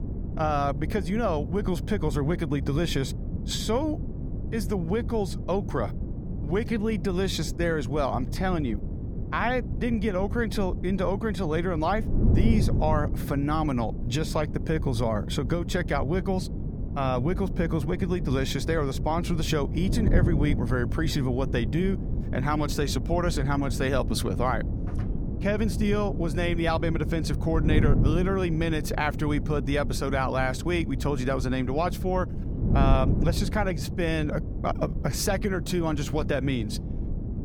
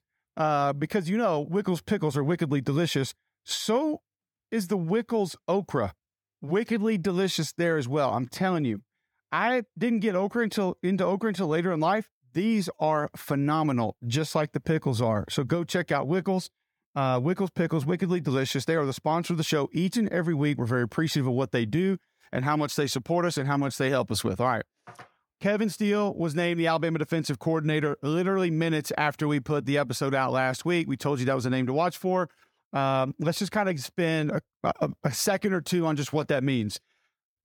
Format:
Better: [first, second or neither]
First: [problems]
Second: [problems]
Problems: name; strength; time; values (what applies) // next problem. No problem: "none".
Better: second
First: wind noise on the microphone; occasional gusts; 10 dB below the speech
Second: none